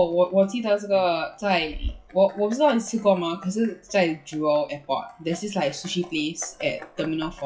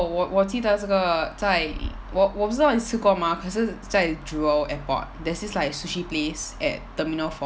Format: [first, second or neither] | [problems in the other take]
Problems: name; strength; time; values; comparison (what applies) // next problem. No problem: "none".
second | noise reduction (classical method WPE with log-MMSE)